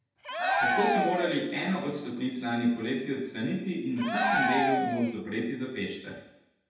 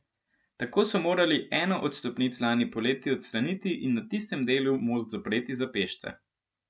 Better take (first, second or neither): second